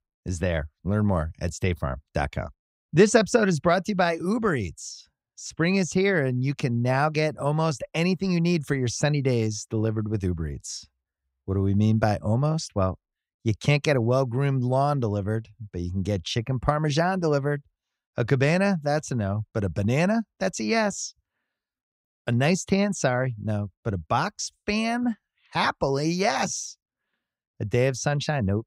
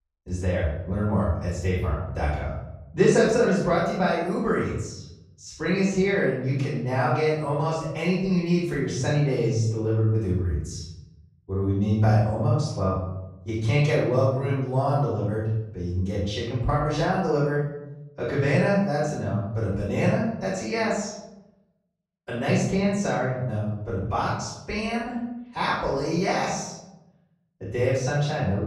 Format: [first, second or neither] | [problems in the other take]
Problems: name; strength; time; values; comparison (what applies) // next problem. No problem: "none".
first | off-mic speech; far // room echo; noticeable; dies away in 0.9 s